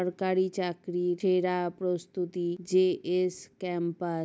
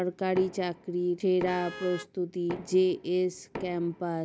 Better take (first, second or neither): first